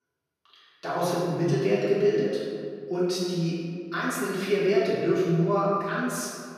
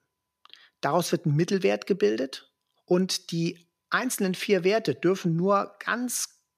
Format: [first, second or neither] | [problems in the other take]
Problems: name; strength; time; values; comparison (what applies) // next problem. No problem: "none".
second | off-mic speech; far // room echo; strong; dies away in 1.8 s